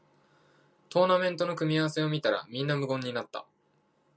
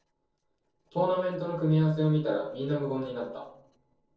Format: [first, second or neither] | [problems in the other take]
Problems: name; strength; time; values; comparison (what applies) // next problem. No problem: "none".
first | noise reduction (neural separator model SepFormer DNS4)